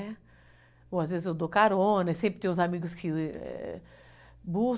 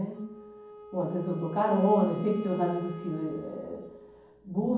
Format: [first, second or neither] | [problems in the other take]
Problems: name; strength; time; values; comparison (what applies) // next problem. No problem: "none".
first | background sound (Wind instrument, woodwind instrument); 16 dB below the speech // room echo; dies away in 1.2 s